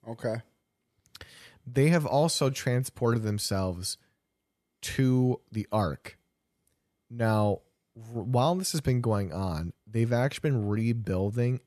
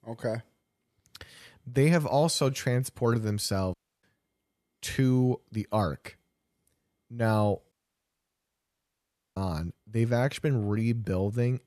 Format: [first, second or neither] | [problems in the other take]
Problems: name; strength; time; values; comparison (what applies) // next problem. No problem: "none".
first | audio cutting out; at 3.5 s and at 7.5 s for 1.5 s